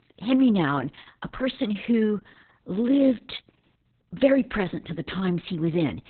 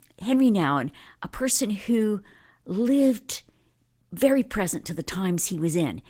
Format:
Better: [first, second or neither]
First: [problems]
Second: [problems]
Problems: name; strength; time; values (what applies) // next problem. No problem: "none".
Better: second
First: garbled, watery; badly; nothing above 4 kHz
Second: garbled, watery; slightly; nothing above 16 kHz